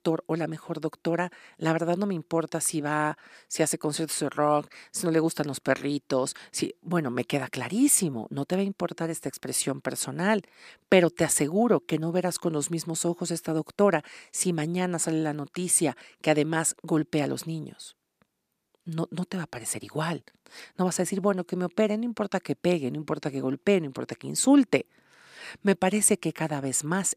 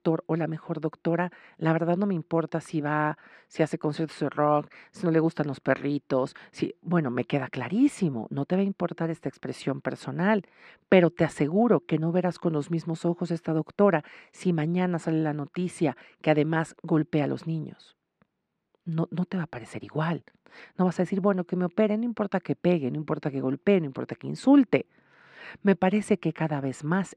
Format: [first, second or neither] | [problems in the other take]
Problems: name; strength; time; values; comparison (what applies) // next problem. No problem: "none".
first | muffled; very; fading above 2.5 kHz